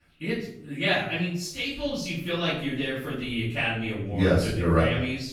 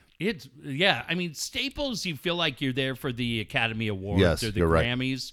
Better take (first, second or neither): second